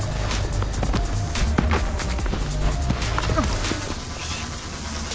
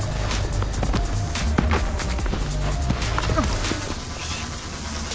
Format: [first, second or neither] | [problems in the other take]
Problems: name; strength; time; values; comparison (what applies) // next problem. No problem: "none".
second | background sound (Gunshot, gunfire); 10 dB below the speech